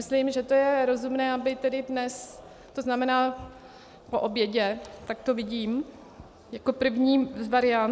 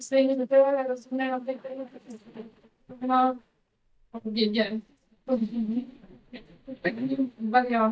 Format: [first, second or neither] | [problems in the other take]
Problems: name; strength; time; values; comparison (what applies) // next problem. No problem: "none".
first | noise reduction (neural mask model DeepFilterNet 3)